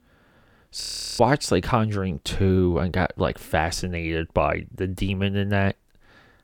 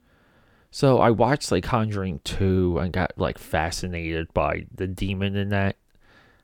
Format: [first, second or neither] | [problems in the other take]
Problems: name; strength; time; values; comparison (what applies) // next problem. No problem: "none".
second | audio freezing; at 1 s